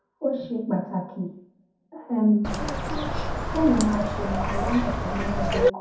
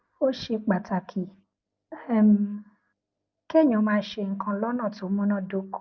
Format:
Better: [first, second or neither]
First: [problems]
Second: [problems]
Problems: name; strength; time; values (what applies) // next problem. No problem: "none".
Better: second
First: background sound (Bird); 1 dB above the speech // room echo; dies away in 0.6 s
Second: none